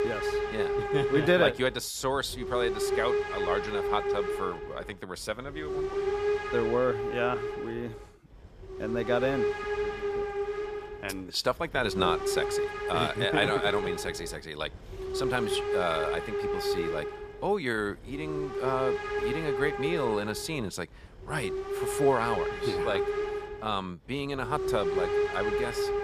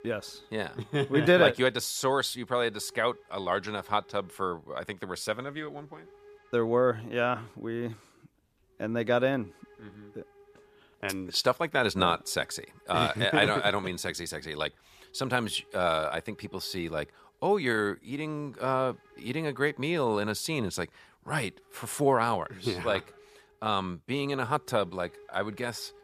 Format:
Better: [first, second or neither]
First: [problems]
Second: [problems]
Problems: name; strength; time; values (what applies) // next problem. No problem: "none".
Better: second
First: hiss; loud; throughout; as loud as the speech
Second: hiss; faint; throughout; 25 dB below the speech